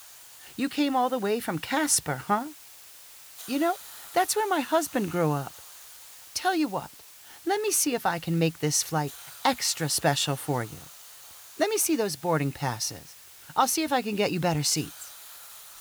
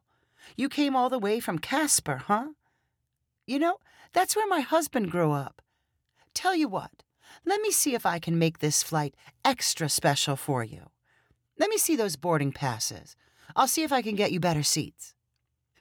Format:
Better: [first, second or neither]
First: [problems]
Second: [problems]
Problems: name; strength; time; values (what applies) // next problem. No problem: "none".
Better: second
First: hiss; noticeable; throughout; 20 dB below the speech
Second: none